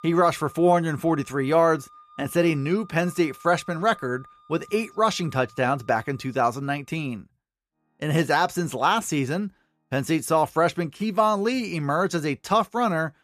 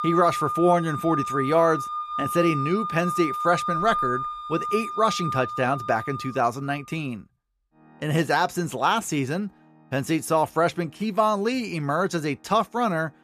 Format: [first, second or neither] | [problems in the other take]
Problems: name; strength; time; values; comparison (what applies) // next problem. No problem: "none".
first | background music; loud; throughout; 4 dB below the speech; faint in the first